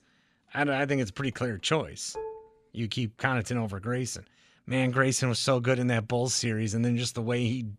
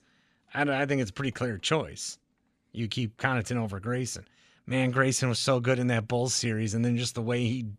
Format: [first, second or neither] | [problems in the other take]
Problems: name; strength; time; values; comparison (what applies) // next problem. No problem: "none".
second | clattering dishes; faint; at 2 s; peak 10 dB below the speech